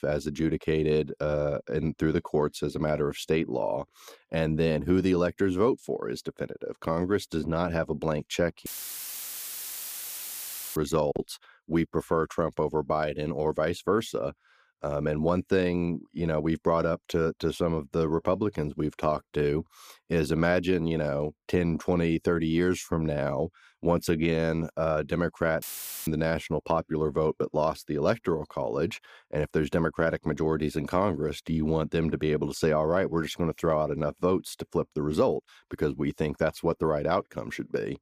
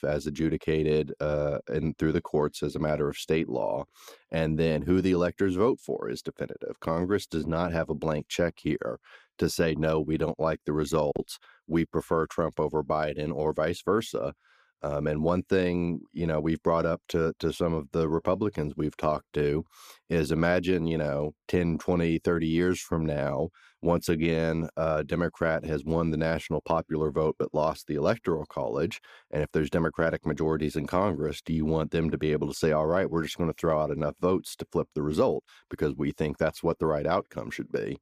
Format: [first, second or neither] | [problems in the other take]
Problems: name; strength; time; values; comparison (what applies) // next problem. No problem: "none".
second | audio cutting out; filled with static; at 8.5 s for 2 s and at 26 s